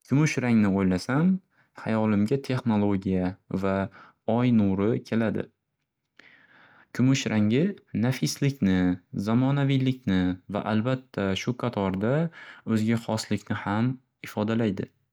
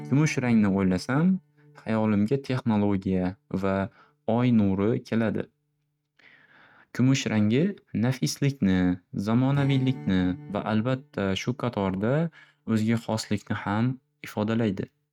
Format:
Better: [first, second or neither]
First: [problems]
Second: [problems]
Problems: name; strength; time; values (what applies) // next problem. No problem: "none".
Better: first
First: none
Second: noise reduction (neural mask model RNNoise)